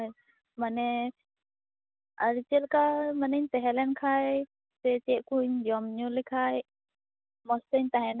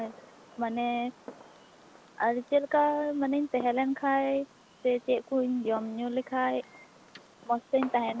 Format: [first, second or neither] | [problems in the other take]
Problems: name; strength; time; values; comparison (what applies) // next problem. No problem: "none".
first | background sound (Fireworks); 19 dB below the speech